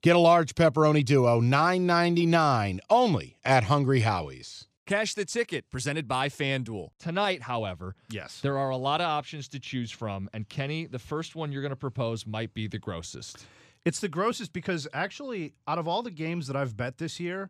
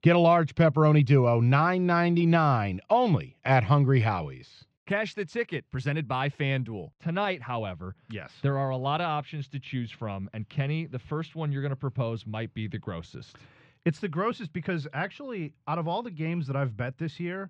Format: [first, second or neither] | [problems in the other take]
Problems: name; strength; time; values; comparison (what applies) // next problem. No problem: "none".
first | muffled; slightly; fading above 2.5 kHz